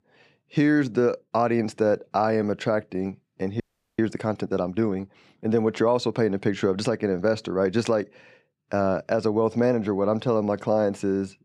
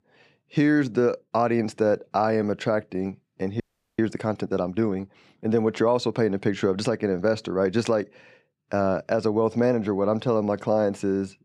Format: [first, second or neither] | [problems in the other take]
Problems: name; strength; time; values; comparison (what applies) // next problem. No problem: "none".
neither | audio freezing; at 3.5 s; the same in both